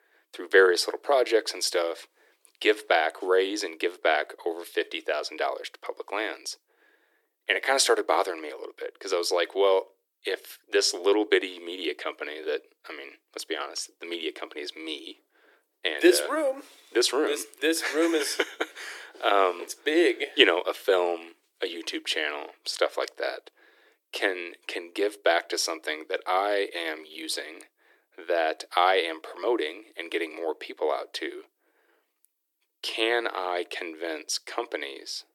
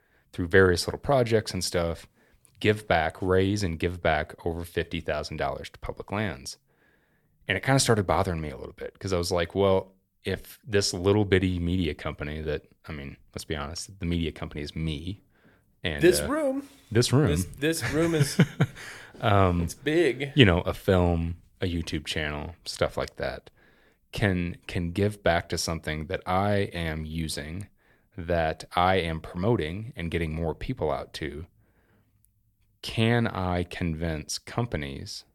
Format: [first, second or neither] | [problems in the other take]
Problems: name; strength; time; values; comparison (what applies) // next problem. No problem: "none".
second | thin; very; fading below 300 Hz